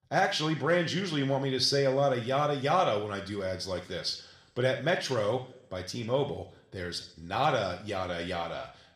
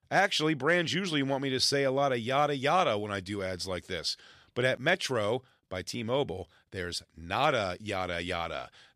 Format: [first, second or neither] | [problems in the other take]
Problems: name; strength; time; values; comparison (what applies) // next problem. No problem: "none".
second | room echo; slight; dies away in 0.5 s